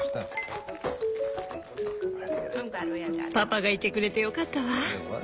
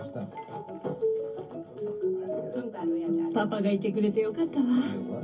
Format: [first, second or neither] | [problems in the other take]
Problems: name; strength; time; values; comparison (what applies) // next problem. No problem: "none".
first | room echo; dies away in 0.3 s